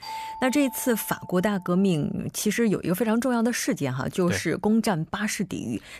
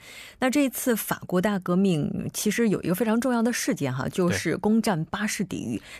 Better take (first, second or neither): second